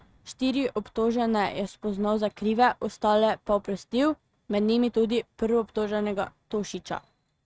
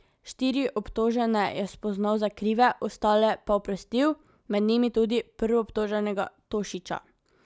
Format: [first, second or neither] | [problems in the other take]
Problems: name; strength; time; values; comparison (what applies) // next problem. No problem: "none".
second | noise reduction (neural mask model RNNoise)